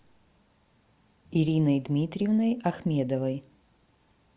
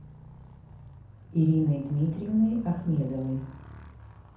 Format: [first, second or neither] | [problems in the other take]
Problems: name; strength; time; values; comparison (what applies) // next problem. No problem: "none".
first | background sound (Motorcycle); 18 dB below the speech // room echo; dies away in 0.5 s